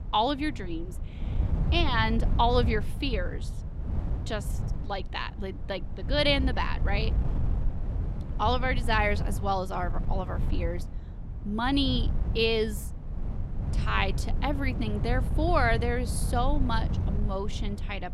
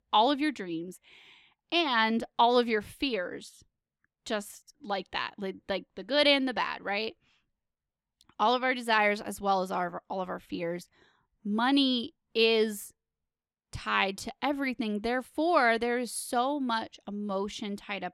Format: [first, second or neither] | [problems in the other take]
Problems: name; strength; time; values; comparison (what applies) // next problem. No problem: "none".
second | wind noise on the microphone; occasional gusts; 15 dB below the speech